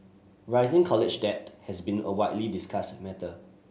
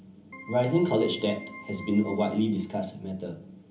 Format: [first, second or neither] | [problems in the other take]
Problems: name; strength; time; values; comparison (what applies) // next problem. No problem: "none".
first | background sound (Keyboard (musical)); 17 dB below the speech // room echo; dies away in 0.4 s